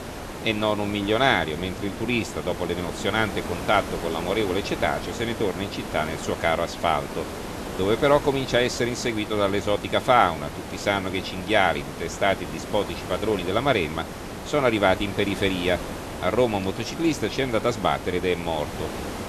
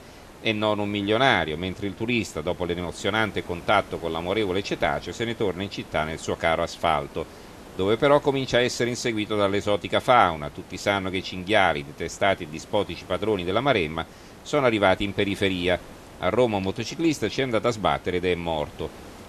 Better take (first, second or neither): second